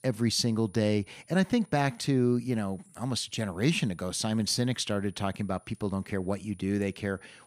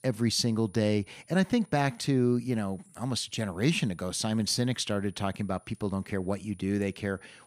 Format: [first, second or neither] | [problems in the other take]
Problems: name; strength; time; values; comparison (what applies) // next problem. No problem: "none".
neither | high-pitched whine; faint; throughout; 9.5 kHz, 30 dB below the speech; the same in both